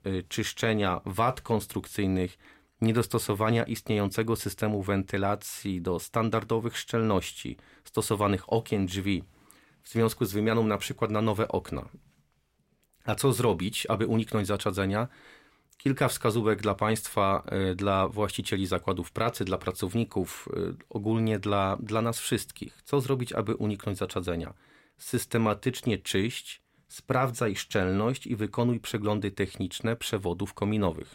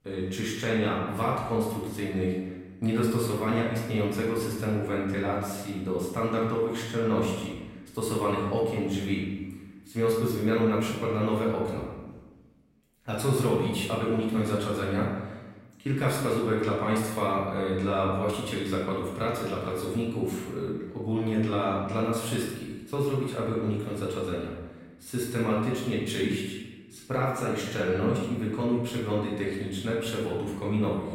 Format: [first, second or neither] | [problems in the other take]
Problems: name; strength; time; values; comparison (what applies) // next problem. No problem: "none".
first | room echo; noticeable; dies away in 1 s // off-mic speech; far